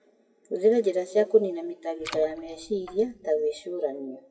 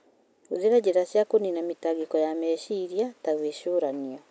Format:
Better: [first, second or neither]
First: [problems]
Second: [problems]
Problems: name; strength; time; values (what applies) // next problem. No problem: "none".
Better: second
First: noise reduction (classical method WPE with log-MMSE)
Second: none